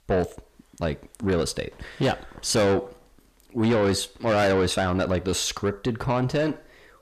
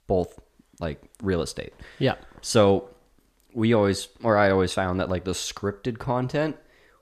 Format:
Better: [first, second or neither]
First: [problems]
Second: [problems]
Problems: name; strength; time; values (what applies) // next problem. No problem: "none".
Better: second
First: distortion; heavy; 8 dB below the speech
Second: none